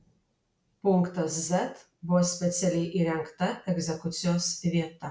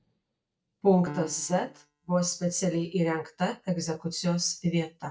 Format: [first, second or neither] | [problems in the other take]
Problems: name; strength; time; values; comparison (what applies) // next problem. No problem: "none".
first | noise reduction (neural mask model DeepFilterNet 3)